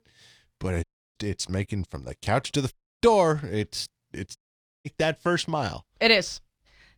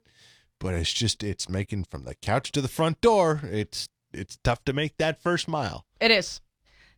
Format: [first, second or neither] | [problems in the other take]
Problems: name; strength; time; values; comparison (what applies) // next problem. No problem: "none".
second | audio cutting out; at 1 s, at 2.5 s and at 4.5 s